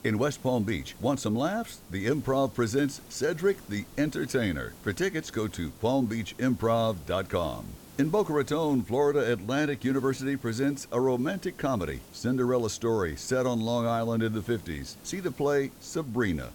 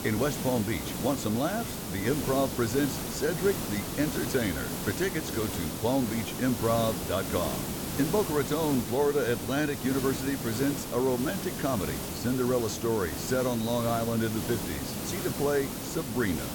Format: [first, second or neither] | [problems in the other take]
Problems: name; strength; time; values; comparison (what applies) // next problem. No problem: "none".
first | hiss; loud; throughout; 4 dB below the speech; faint in the first